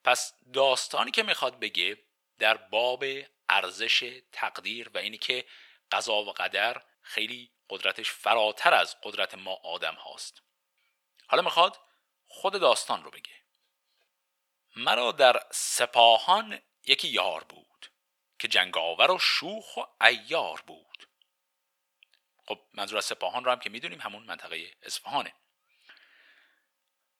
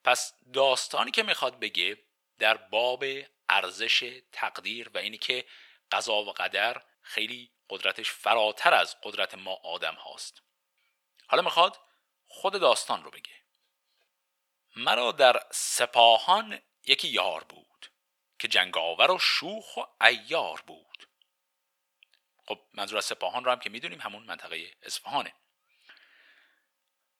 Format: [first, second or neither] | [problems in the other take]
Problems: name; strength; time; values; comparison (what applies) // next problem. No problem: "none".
neither | thin; very; fading below 850 Hz; the same in both